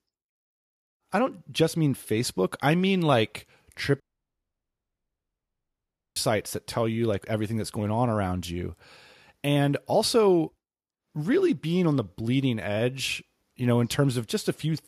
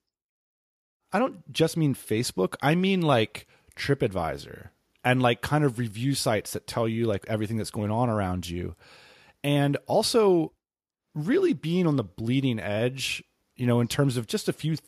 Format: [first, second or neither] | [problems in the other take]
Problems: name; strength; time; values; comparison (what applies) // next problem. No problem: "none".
second | audio cutting out; at 4 s for 2 s